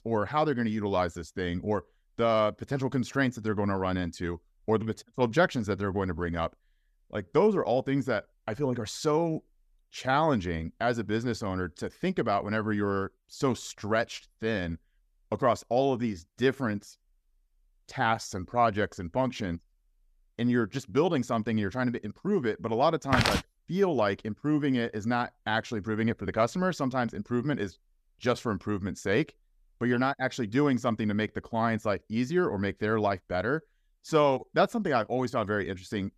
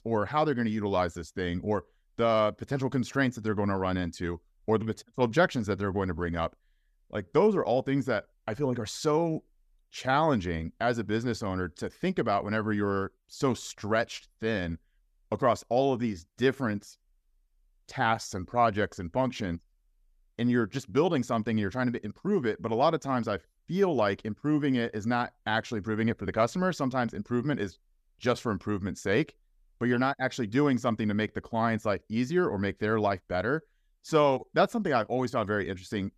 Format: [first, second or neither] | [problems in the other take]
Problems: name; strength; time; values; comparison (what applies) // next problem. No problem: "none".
second | footsteps; loud; at 23 s; peak 3 dB above the speech